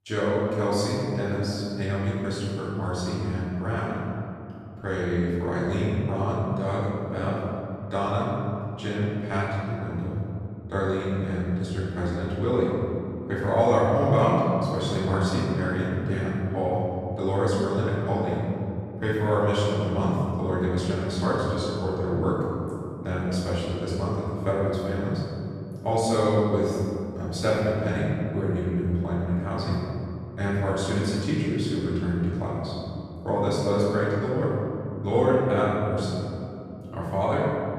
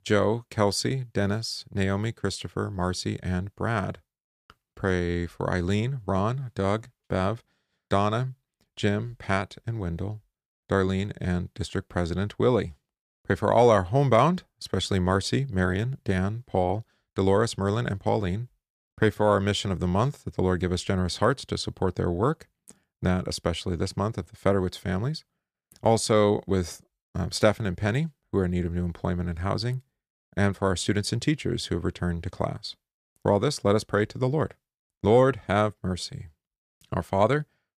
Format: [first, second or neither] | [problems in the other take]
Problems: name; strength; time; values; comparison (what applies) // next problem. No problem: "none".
second | off-mic speech; far // room echo; strong; dies away in 3 s